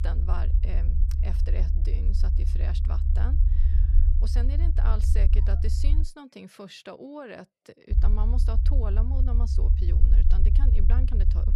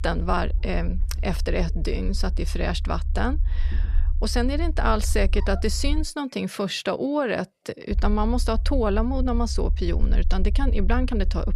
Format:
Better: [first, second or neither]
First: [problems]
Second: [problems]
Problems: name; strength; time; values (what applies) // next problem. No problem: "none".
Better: second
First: low rumble; loud; until 6 s and from 8 s on; 3 dB below the speech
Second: low rumble; faint; until 6 s and from 8 s on; 20 dB below the speech